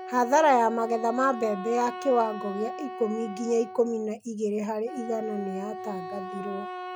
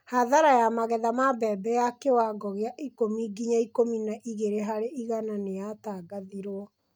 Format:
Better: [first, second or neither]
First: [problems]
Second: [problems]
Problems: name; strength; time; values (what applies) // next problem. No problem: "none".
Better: second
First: background sound (Wind instrument, woodwind instrument); 11 dB below the speech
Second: none